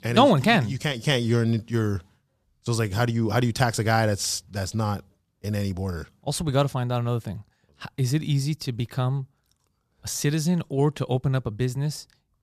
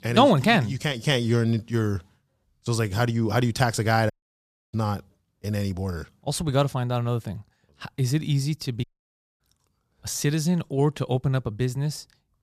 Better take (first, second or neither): first